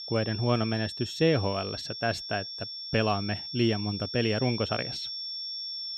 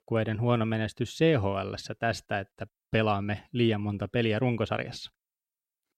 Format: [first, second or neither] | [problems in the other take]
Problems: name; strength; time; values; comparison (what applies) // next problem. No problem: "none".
second | high-pitched whine; loud; throughout; 5.5 kHz, 6 dB below the speech